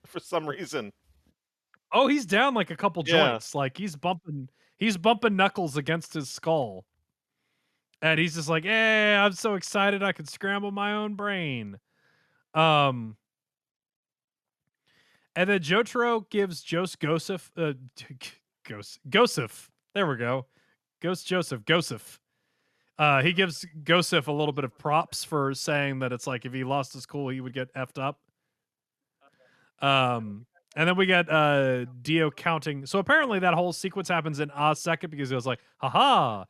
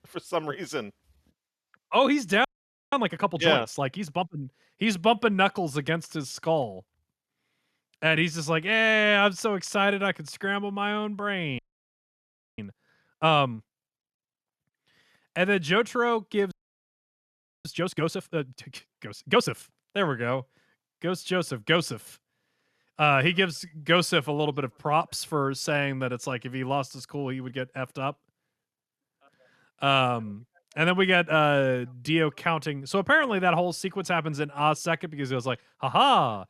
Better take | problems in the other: first | audio freezing; at 2.5 s, at 12 s for 1 s and at 17 s for 1 s

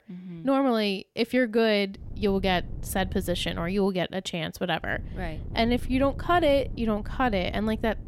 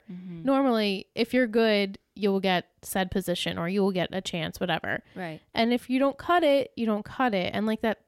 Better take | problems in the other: second | wind noise on the microphone; occasional gusts; from 2 to 4 s and from 5 s on; 25 dB below the speech

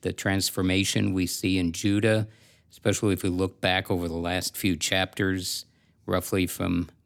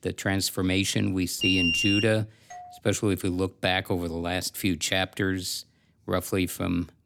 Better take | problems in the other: first | alarm; loud; at 1.5 s; peak 4 dB above the speech // doorbell; faint; at 2.5 s; peak 20 dB below the speech

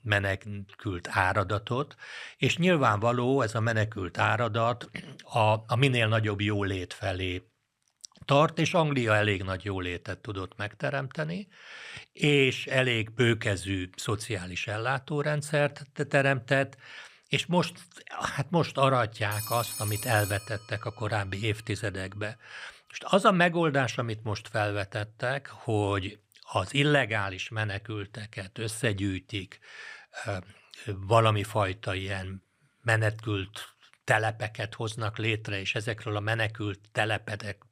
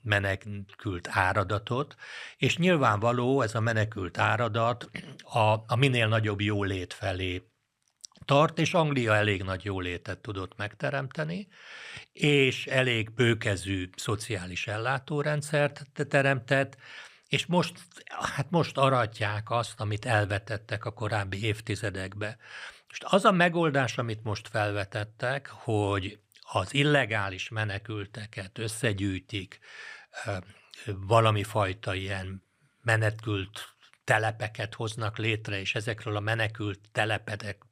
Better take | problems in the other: second | phone ringing; noticeable; from 19 to 21 s; peak 6 dB below the speech

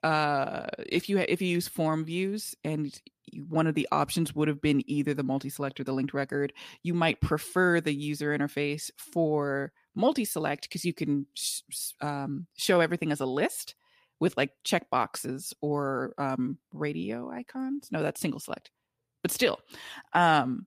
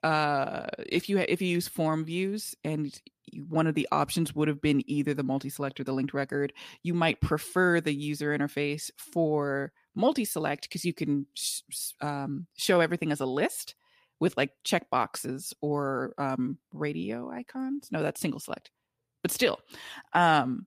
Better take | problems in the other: neither | none

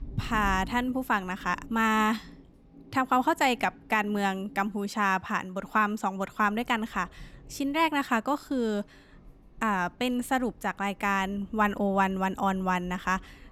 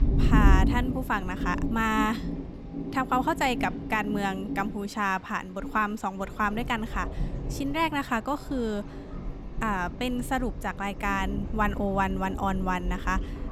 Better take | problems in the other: first | rain or running water; loud; throughout; 3 dB below the speech; faint in the first

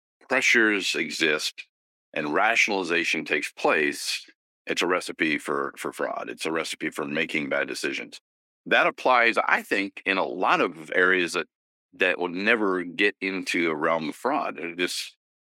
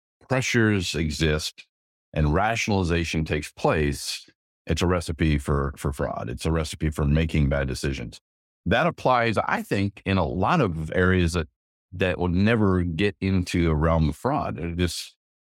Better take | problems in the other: second | thin; somewhat; fading below 300 Hz

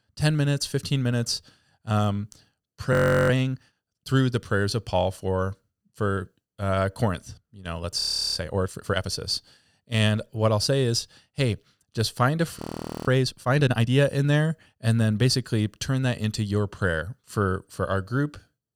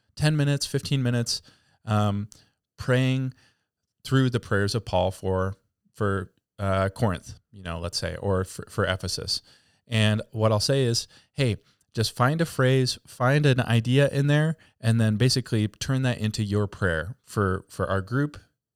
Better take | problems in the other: second | audio freezing; at 3 s, at 8 s and at 13 s

